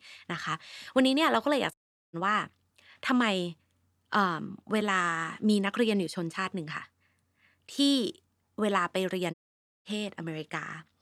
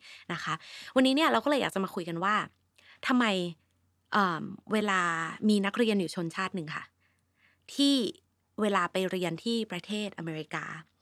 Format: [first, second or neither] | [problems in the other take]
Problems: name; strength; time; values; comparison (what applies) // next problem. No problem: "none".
second | audio cutting out; at 1.5 s and at 9.5 s for 0.5 s